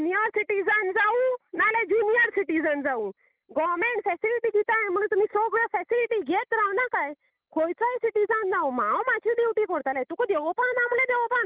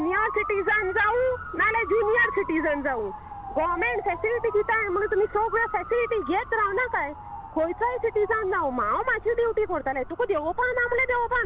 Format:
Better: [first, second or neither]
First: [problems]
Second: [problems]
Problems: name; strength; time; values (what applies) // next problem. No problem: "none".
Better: first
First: none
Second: background sound (Motor vehicle (road) / Siren); 12 dB below the speech